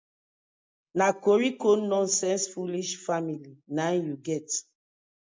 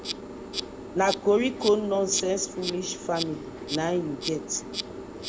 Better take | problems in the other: first | background sound (Insect); 8 dB below the speech

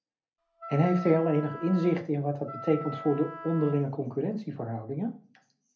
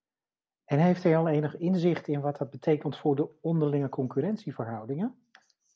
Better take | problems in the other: second | background sound (Wind instrument, woodwind instrument); 13 dB below the speech // room echo; dies away in 0.3 s

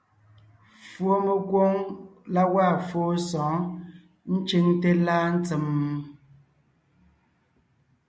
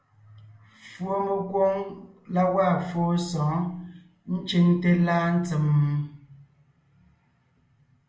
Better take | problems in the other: first | room echo; dies away in 0.4 s

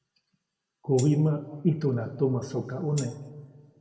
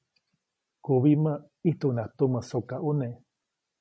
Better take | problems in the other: second | background sound (Tambourine); 16 dB below the speech // room echo; dies away in 1.7 s

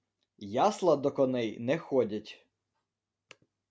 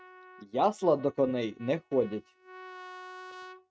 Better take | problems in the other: first | noise reduction (neural mask model RNNoise)

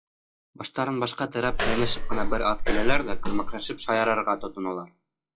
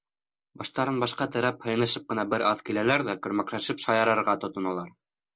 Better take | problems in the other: second | noise reduction (classical method log-MMSE)

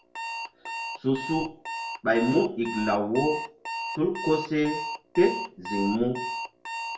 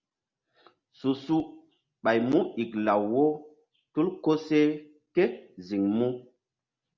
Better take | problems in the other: second | background sound (Alarm); 7 dB below the speech // room echo; dies away in 0.3 s

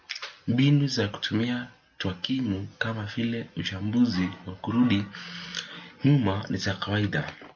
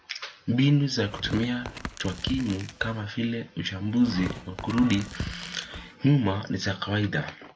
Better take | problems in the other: first | background sound (Tearing); 12 dB below the speech

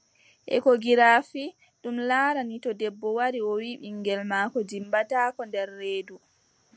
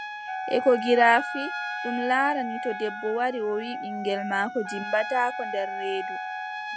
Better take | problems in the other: first | background sound (Wind instrument, woodwind instrument + Trumpet); 6 dB below the speech

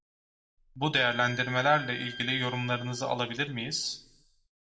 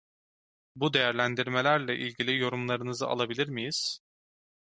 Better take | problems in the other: second | background sound (Bowed string instrument); 14 dB below the speech // room echo; dies away in 0.4 s

